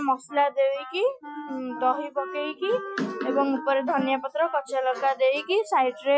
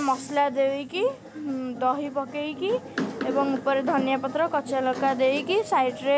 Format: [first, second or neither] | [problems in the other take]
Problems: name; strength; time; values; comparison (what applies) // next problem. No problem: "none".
second | noise reduction (classical method Wiener filter)